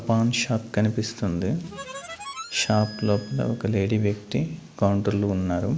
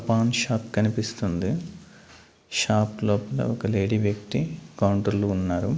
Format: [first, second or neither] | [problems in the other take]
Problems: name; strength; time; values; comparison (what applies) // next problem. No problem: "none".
second | background sound (Harmonica); 15 dB below the speech